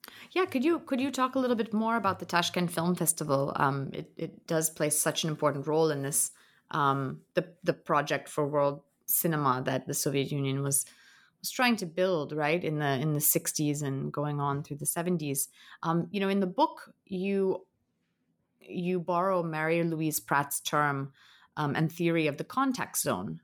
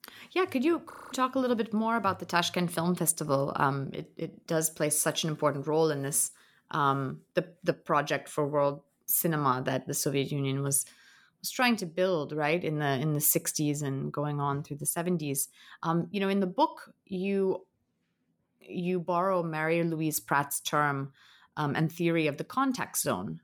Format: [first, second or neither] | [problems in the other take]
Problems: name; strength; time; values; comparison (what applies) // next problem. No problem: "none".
first | audio freezing; at 1 s